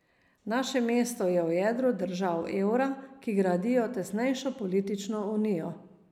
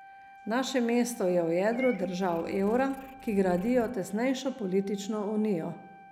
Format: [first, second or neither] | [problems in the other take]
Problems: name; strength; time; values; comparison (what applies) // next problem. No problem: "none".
first | background sound (Meow / Purr + Wind instrument, woodwind instrument); 19 dB below the speech